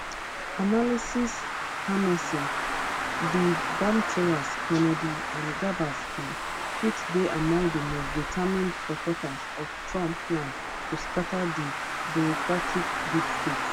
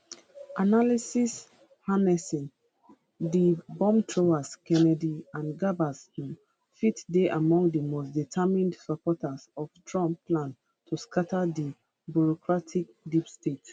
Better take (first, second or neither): second